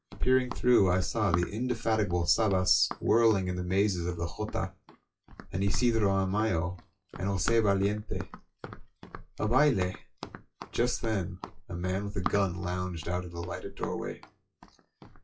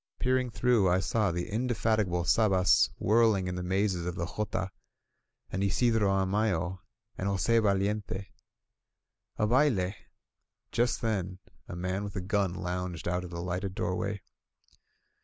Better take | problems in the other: second | noise reduction (classical method WPE with log-MMSE)

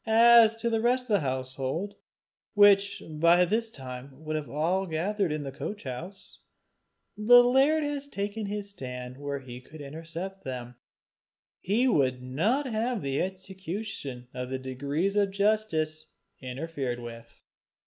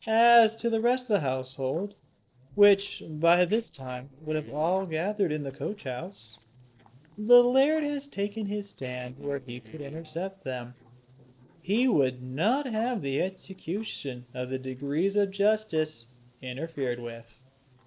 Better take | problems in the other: first | noise reduction (neural separator model SepFormer DNS4)

